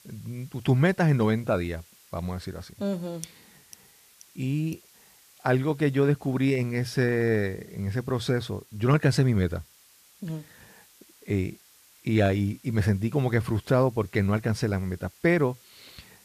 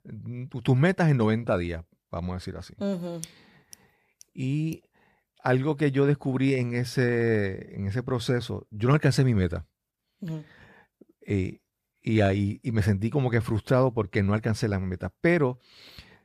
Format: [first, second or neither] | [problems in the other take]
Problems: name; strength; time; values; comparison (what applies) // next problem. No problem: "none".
second | hiss; faint; throughout; 25 dB below the speech